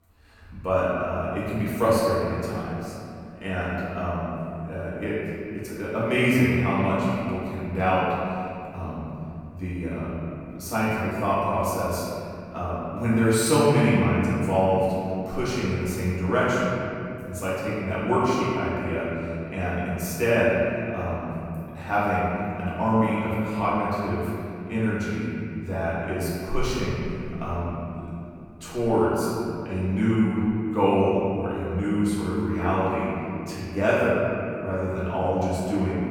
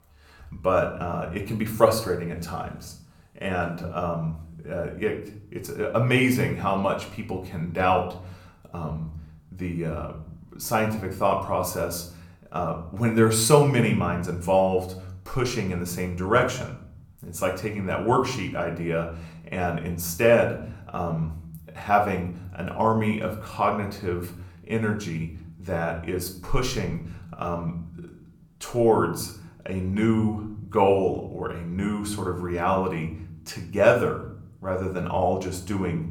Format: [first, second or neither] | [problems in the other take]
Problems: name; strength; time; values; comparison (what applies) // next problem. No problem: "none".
second | room echo; strong; dies away in 2.7 s; slight in the second // off-mic speech; far; somewhat distant in the second